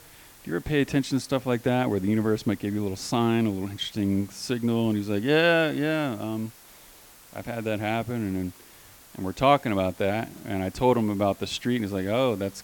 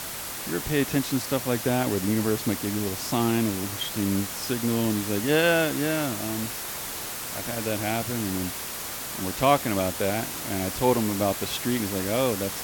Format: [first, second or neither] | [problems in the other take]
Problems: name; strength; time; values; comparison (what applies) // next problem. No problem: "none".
first | hiss; loud; throughout; 5 dB below the speech; faint in the first